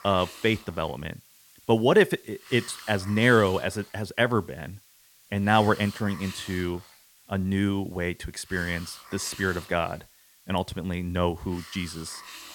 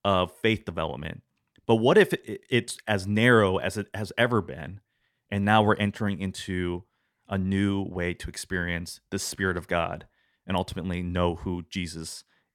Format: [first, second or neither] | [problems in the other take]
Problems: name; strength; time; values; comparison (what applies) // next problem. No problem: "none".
second | hiss; noticeable; throughout; 20 dB below the speech